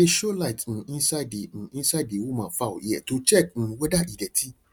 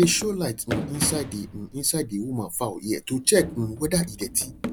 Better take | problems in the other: first | background sound (Run); 10 dB below the speech

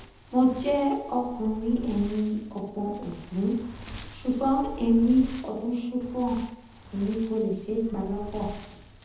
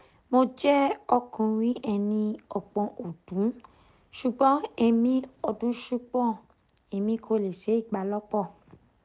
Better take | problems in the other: second | background sound (Wind); 15 dB below the speech // room echo; dies away in 0.8 s

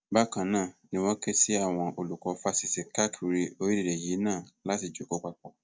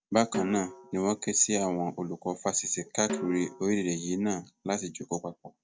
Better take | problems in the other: first | background sound (Snare drum); 13 dB below the speech

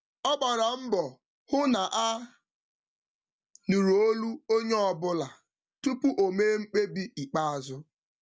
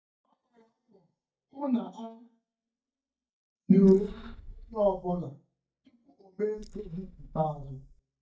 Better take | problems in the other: first | noise reduction (neural mask model DeepFilterNet 3)

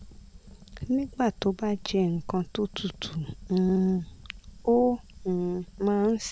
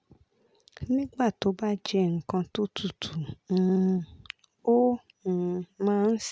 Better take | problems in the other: second | background sound (Fire); 18 dB below the speech

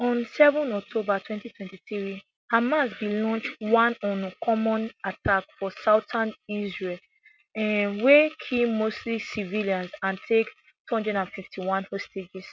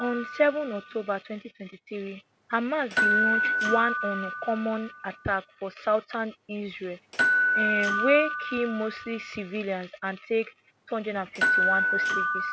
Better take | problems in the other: first | background sound (Door / Bell); as loud as the speech

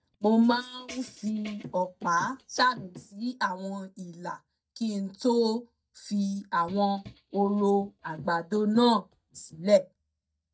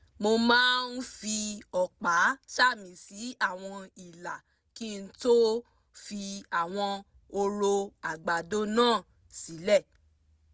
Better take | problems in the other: second | noise reduction (neural mask model DeepFilterNet 3)

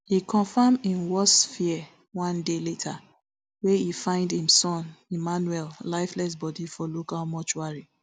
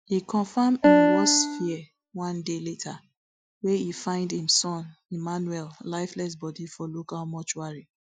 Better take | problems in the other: first | noise reduction (classical method Wiener filter)

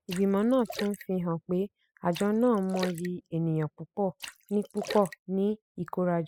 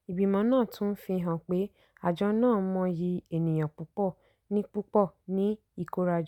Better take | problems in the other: second | noise reduction (classical method spectral subtraction)

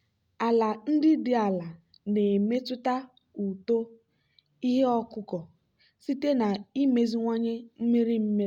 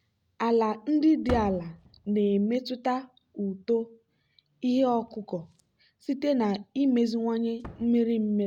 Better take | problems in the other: first | background sound (Slam); 19 dB below the speech

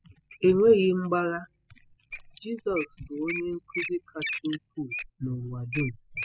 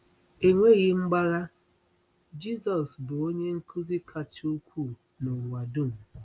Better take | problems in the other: second | noise reduction (classical method spectral subtraction)

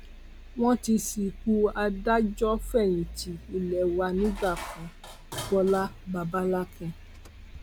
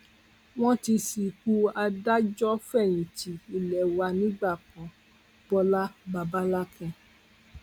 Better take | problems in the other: second | background sound (Accelerating, revving, vroom + Dishes, pots, and pans); 13 dB below the speech

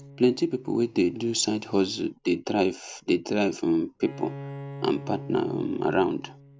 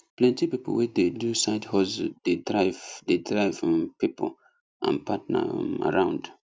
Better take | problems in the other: second | background sound (Bowed string instrument); 16 dB below the speech

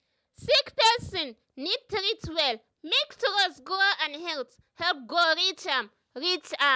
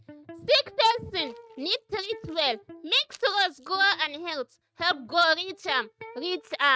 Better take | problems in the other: first | noise reduction (neural mask model RNNoise)

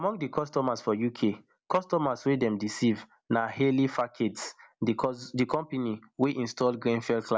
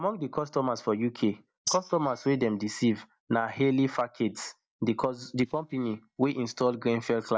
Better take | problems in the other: first | noise reduction (neural mask model DeepFilterNet 3)

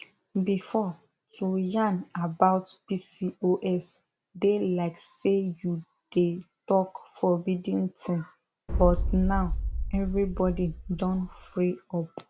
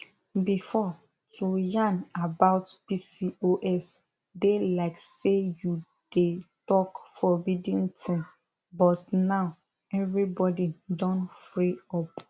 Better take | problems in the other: second | background sound (Boom); 2 dB below the speech

